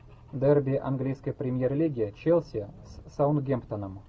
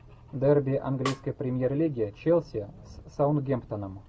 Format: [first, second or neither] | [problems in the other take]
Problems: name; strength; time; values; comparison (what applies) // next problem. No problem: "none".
first | background sound (Snare drum); 13 dB below the speech